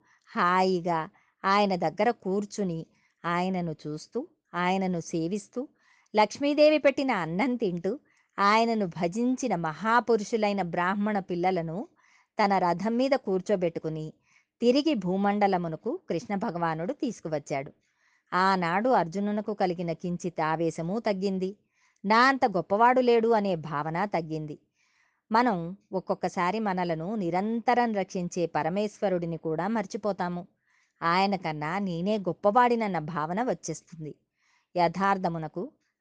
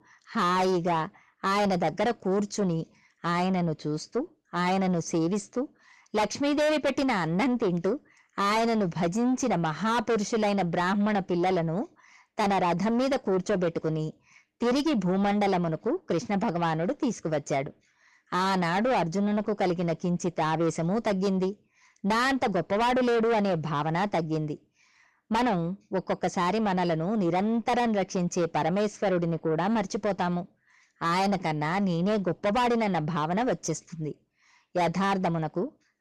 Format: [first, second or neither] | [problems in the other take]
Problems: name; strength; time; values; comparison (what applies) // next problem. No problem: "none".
first | distortion; heavy; 6 dB below the speech